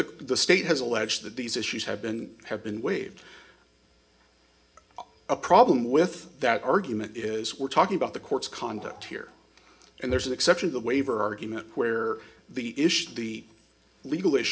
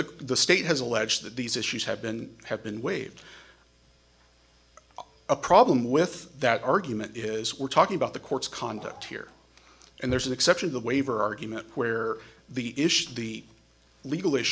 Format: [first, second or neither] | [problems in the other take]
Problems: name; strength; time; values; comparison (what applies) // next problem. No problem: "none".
second | room echo; dies away in 0.3 s